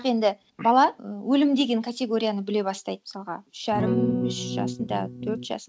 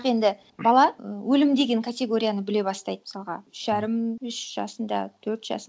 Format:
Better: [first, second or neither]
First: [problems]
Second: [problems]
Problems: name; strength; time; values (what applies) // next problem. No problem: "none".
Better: second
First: noise reduction (neural mask model RNNoise)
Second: none